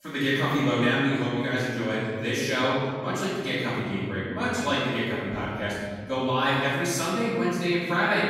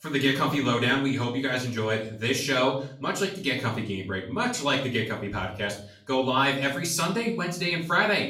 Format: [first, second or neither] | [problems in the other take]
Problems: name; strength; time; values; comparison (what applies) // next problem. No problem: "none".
second | room echo; strong; dies away in 2.4 s; slight in the second // off-mic speech; far; far in the second